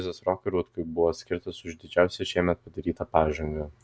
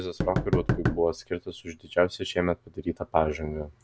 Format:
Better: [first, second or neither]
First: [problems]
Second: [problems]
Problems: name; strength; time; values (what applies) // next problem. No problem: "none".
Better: first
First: none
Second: background sound (Knock); 1 dB below the speech